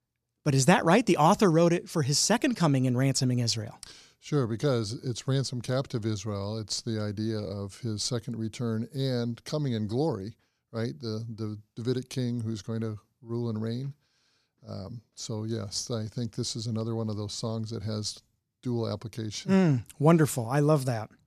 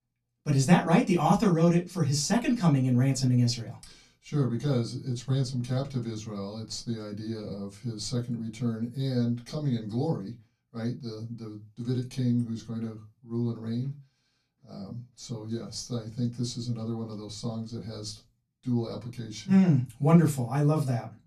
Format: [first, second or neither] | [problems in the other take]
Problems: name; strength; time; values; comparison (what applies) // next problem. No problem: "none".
first | off-mic speech; far // room echo; very slight; dies away in 0.2 s